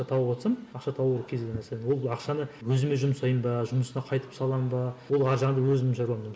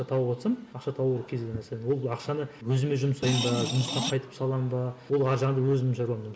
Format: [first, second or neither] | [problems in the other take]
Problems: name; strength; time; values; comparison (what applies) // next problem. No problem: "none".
first | background sound (Screech); 4 dB below the speech